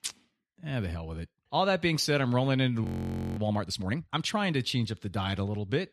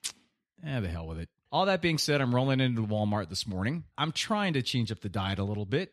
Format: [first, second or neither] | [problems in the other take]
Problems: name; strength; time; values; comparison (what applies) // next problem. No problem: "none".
second | audio freezing; at 3 s for 0.5 s